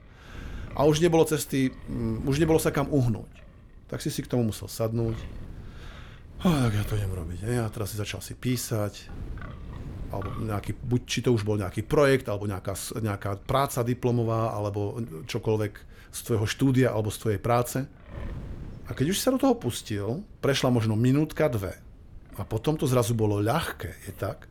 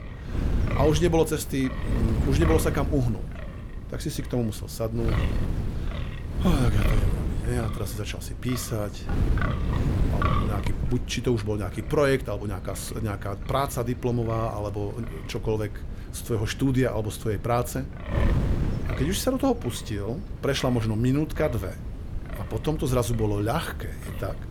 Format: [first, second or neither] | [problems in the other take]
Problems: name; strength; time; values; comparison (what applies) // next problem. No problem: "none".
first | wind noise on the microphone; heavy; 8 dB below the speech; occasional gusts in the first